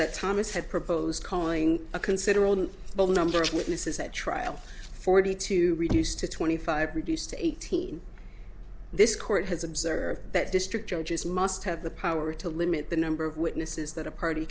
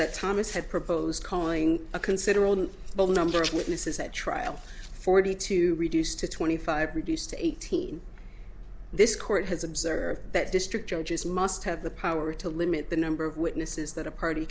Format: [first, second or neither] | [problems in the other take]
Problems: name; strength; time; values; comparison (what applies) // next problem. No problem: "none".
second | background sound (Knock / Wood); 11 dB below the speech